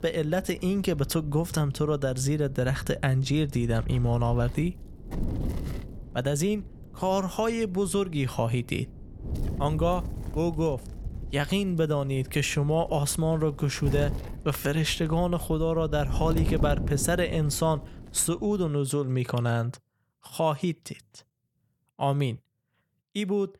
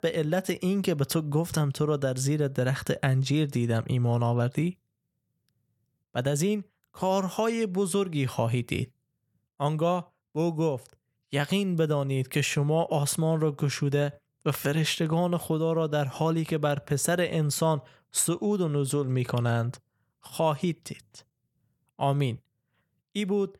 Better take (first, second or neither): second